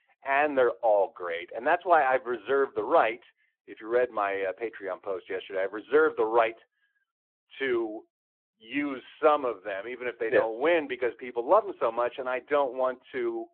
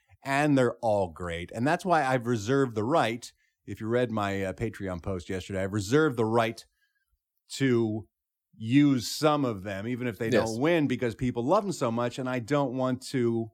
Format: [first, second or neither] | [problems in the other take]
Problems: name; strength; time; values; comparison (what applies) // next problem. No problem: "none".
second | phone-call audio